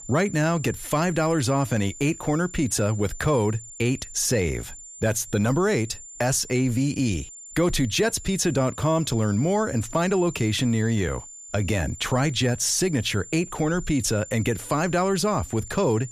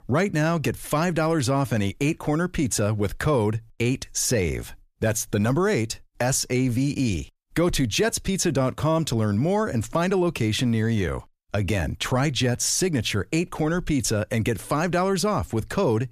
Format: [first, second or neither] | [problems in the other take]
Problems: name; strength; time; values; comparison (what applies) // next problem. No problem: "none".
second | high-pitched whine; noticeable; throughout; 7 kHz, 15 dB below the speech